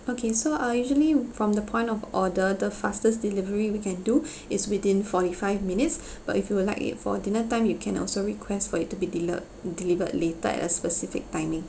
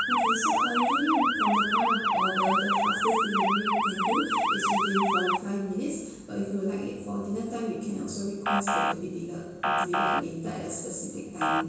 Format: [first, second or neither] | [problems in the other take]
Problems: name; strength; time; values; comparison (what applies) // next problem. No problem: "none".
first | background sound (Motor vehicle (road) / Siren); 3 dB above the speech // room echo; dies away in 1 s